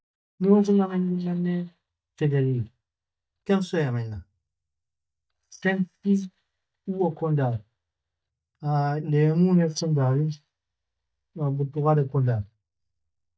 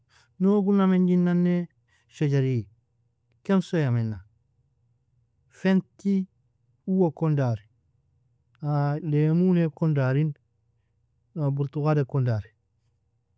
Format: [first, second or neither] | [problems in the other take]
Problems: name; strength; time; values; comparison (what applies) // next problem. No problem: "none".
second | noise reduction (neural mask model DeepFilterNet 3)